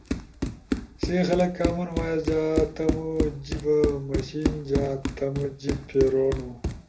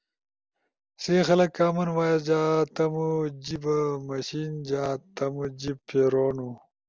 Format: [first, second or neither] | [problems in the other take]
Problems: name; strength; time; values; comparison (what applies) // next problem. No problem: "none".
second | background sound (Run); 3 dB below the speech // room echo; dies away in 0.3 s